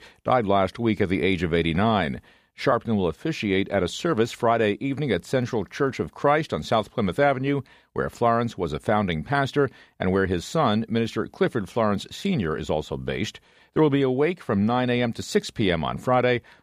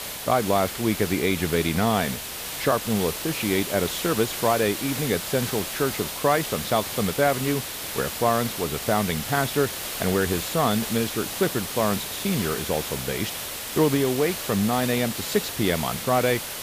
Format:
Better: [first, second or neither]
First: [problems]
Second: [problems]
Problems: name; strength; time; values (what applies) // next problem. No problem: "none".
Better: first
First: none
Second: hiss; loud; throughout; 5 dB below the speech